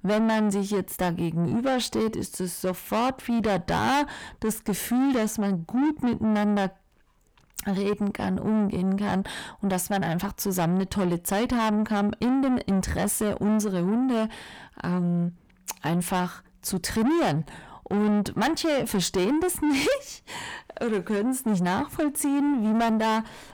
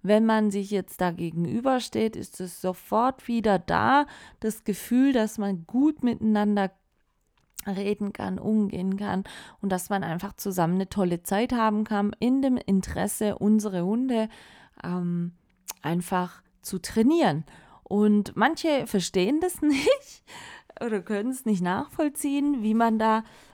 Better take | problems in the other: second | distortion; heavy; 7 dB below the speech

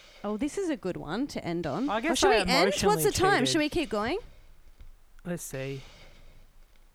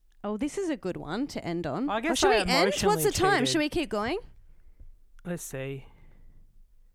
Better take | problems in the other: second | hiss; faint; throughout; 30 dB below the speech

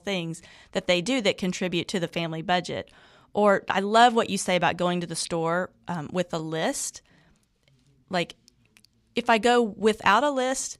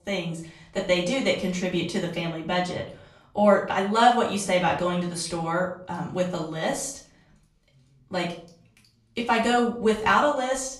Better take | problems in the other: first | off-mic speech; far // room echo; slight; dies away in 0.4 s

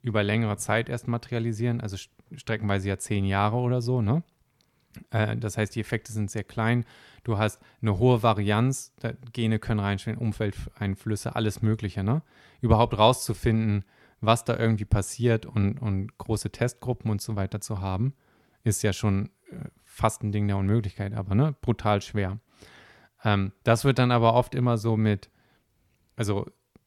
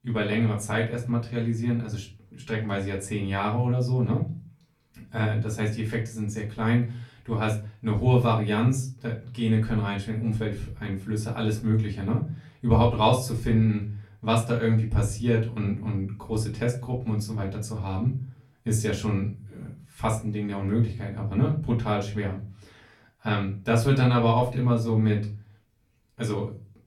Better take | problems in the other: first | off-mic speech; far // room echo; very slight; dies away in 0.3 s

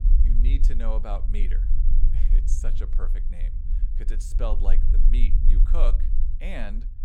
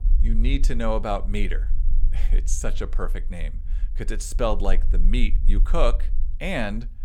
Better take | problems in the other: second | low rumble; loud; throughout; 9 dB below the speech; faint in the second

